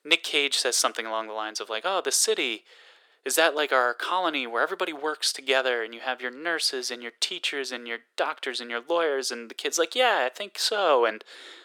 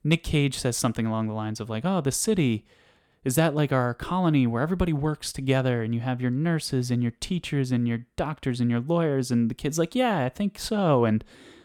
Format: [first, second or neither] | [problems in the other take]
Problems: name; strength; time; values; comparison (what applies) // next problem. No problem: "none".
second | thin; very; fading below 400 Hz